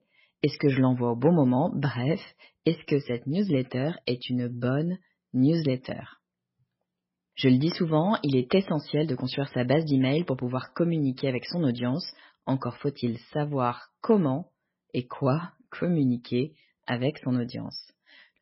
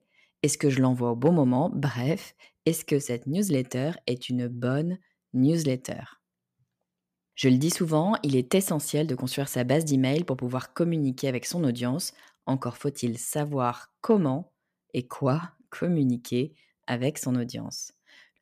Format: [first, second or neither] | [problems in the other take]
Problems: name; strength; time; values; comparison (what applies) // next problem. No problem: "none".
second | garbled, watery; badly; nothing above 5.5 kHz